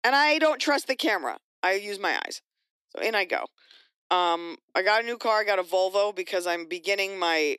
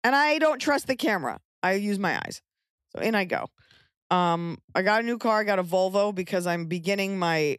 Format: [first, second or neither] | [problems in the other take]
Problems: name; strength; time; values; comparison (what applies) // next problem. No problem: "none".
second | thin; somewhat; fading below 300 Hz